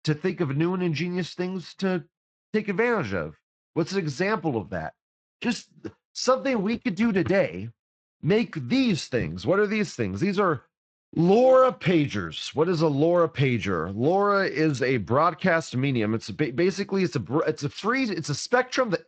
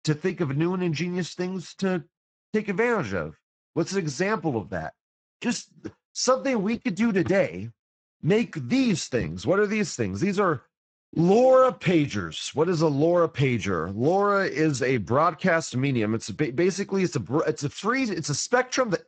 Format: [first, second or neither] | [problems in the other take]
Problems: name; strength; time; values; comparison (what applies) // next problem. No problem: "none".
first | garbled, watery; badly; nothing above 8 kHz; slightly in the first